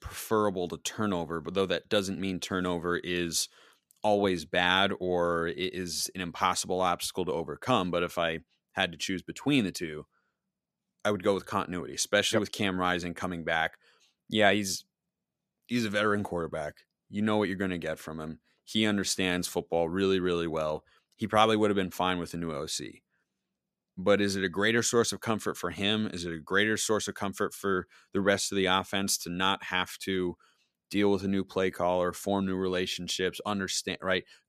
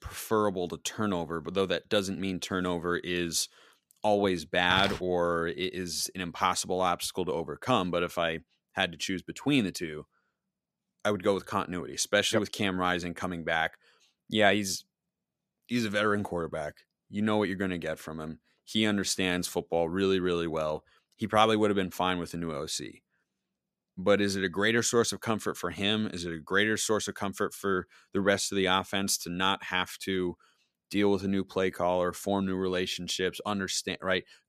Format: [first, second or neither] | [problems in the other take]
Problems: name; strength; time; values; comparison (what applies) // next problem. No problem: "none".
first | footsteps; noticeable; at 4.5 s; peak 6 dB below the speech